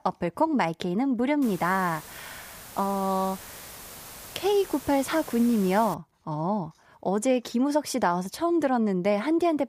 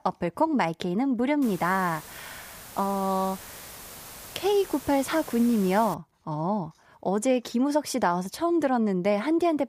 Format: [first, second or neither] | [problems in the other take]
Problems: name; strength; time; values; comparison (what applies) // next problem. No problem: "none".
neither | hiss; noticeable; from 1.5 to 6 s; 15 dB below the speech; the same in both